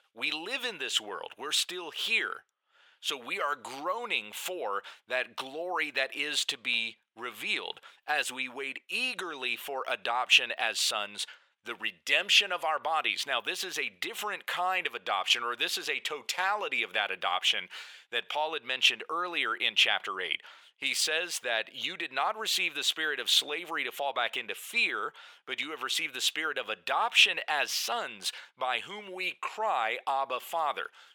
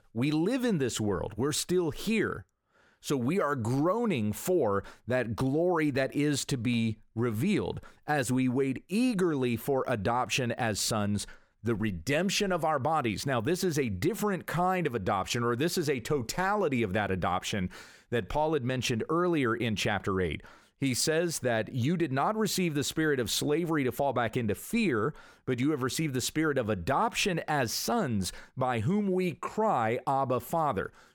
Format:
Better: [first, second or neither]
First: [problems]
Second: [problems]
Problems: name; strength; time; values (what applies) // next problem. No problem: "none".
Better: second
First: thin; very; fading below 800 Hz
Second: none